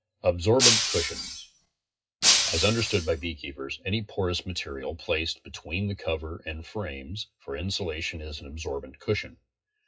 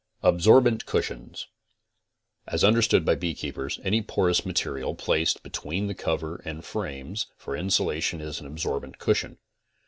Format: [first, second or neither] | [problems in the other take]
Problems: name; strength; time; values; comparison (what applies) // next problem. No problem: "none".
second | noise reduction (classical method WPE with log-MMSE)